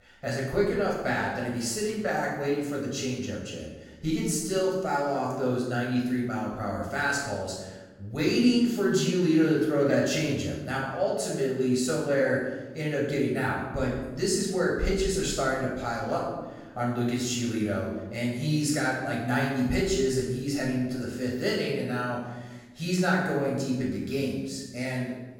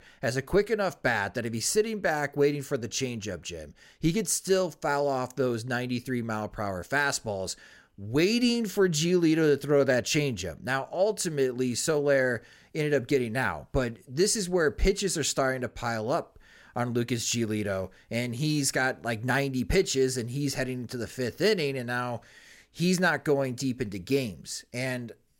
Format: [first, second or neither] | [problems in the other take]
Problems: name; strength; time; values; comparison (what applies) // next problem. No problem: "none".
second | off-mic speech; far // room echo; noticeable; dies away in 1.1 s